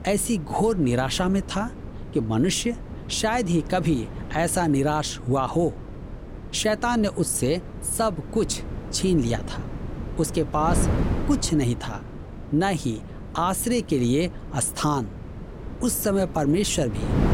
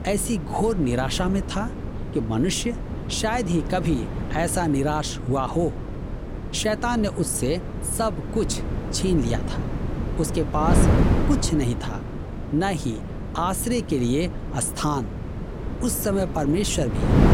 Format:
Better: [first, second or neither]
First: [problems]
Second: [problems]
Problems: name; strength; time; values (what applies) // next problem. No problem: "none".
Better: first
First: wind noise on the microphone; occasional gusts; 15 dB below the speech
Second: wind noise on the microphone; heavy; 8 dB below the speech